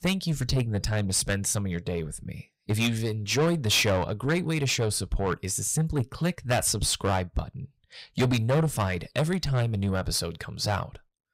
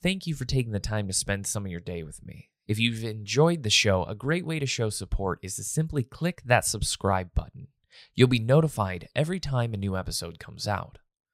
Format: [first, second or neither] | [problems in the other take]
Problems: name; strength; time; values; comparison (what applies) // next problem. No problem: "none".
second | distortion; heavy; 6 dB below the speech